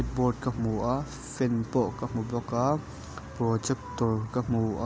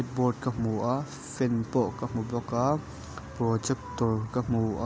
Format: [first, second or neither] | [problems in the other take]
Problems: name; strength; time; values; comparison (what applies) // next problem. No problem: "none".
second | background sound (Bowed string instrument); 17 dB below the speech